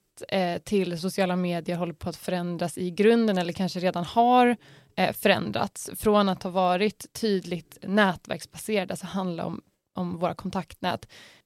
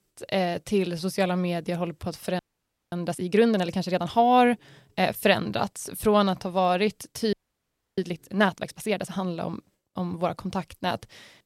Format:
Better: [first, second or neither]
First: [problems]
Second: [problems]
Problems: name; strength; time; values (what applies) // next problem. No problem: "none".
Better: first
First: none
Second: audio freezing; at 2.5 s for 0.5 s and at 7.5 s for 0.5 s